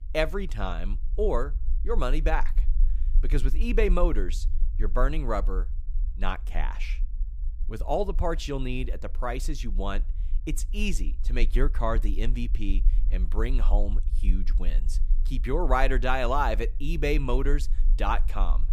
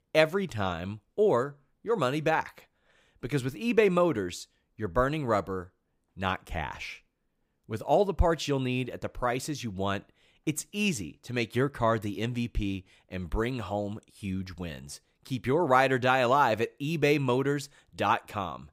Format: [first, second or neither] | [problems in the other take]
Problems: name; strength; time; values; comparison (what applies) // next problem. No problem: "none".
second | low rumble; faint; throughout; 25 dB below the speech